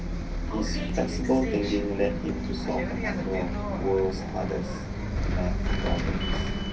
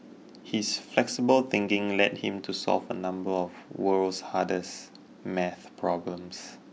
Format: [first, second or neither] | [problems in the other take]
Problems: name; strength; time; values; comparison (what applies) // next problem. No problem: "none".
second | background sound (Bus); 2 dB above the speech // room echo; dies away in 0.3 s